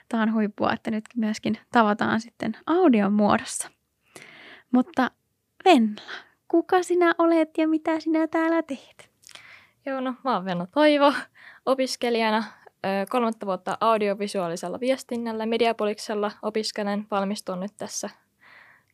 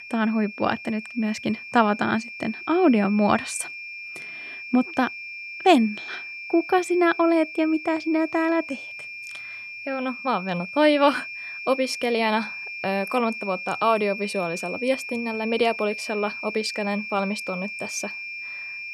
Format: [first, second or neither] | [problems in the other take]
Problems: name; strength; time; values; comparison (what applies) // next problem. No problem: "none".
first | high-pitched whine; loud; throughout; 2.5 kHz, 9 dB below the speech